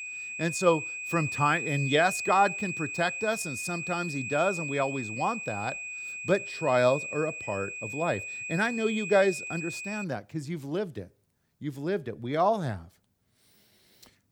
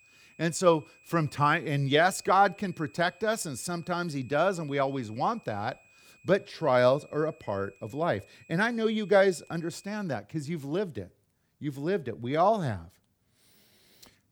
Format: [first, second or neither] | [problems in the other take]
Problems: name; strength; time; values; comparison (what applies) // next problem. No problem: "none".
second | high-pitched whine; loud; until 10 s; 2.5 kHz, 5 dB below the speech; faint in the second